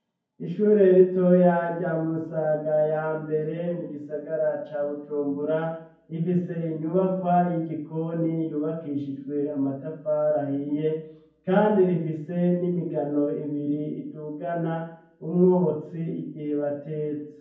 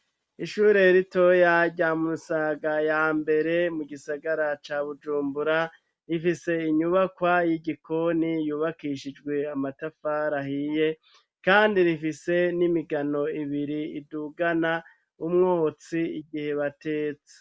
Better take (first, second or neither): second